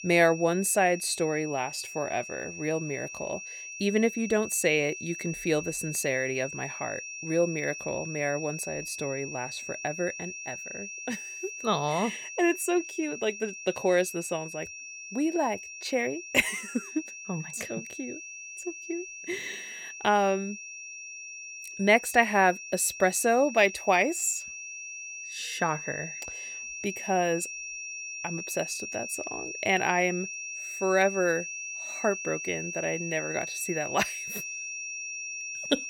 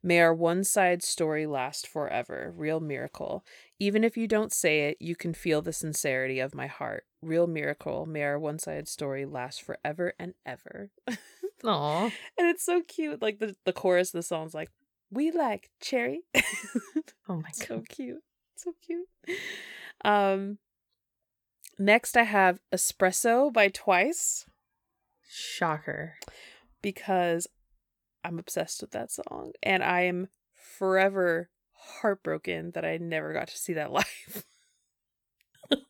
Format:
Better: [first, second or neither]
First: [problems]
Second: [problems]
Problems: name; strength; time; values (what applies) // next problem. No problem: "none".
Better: second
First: high-pitched whine; loud; throughout; 2.5 kHz, 8 dB below the speech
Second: none